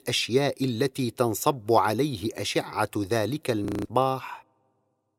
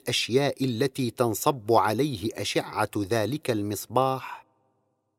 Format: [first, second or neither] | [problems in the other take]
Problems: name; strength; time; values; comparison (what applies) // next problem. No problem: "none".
second | audio freezing; at 3.5 s